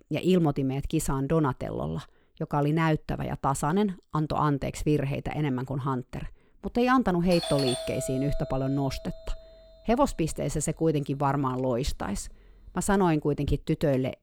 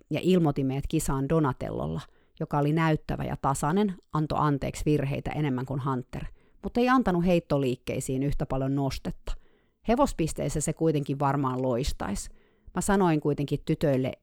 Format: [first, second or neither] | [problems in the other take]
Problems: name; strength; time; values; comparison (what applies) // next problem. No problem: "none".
second | doorbell; noticeable; from 7.5 to 14 s; peak 3 dB below the speech